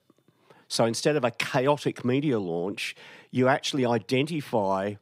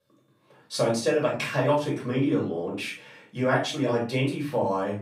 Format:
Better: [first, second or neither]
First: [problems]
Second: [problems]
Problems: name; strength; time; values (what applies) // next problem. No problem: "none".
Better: first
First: none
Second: off-mic speech; far // room echo; slight; dies away in 0.3 s